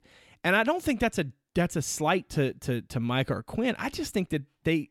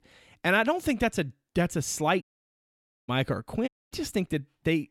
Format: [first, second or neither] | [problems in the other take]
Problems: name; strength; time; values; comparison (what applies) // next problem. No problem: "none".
first | audio cutting out; at 2 s for 1 s and at 3.5 s